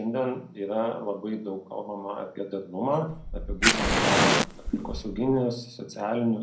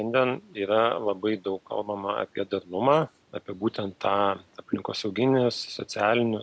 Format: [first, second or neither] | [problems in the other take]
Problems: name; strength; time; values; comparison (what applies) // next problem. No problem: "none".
second | background sound (Fire); 4 dB above the speech // room echo; dies away in 0.6 s